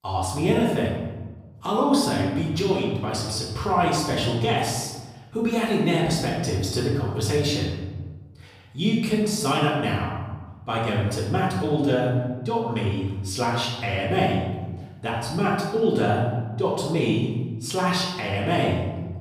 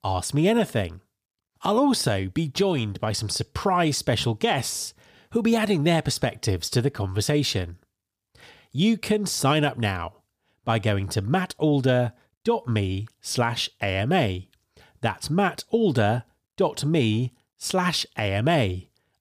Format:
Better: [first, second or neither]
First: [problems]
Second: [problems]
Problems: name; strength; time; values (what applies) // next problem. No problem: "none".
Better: second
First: room echo; noticeable; dies away in 1.1 s // off-mic speech; far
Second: none